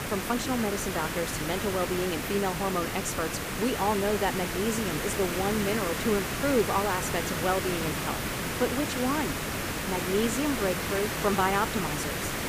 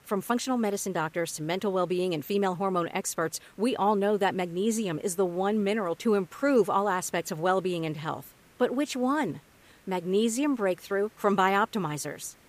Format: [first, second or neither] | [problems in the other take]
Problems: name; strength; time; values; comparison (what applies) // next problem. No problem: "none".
second | hiss; loud; throughout; 1 dB below the speech; faint in the second